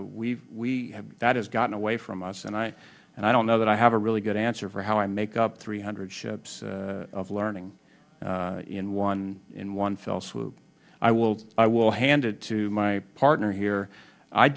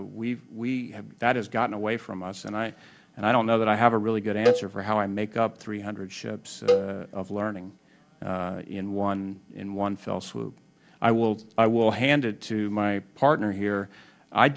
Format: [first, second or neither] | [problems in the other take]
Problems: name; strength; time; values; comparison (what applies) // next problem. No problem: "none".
first | background sound (Cowbell); 3 dB below the speech